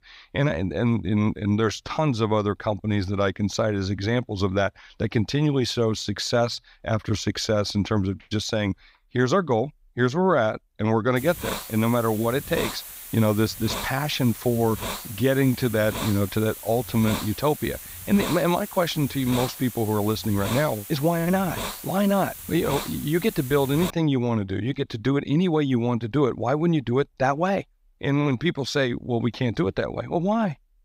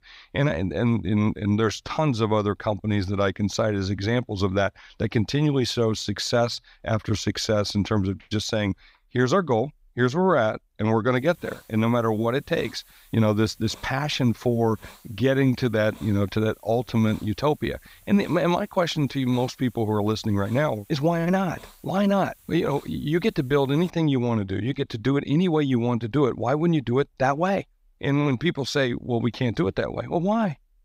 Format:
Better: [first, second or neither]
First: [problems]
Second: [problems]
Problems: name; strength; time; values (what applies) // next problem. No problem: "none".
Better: second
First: hiss; loud; from 11 to 24 s; 10 dB below the speech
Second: hiss; faint; from 11 to 24 s; 25 dB below the speech